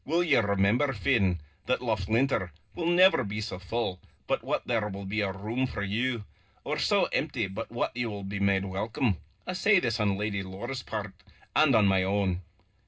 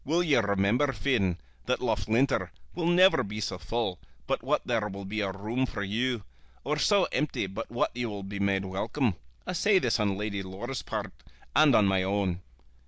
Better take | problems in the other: second | room echo; dies away in 0.2 s

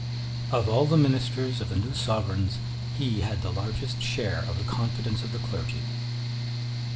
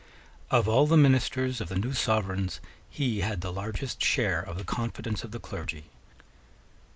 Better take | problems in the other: second | background sound (Mechanical fan); 1 dB below the speech // room echo; dies away in 0.5 s

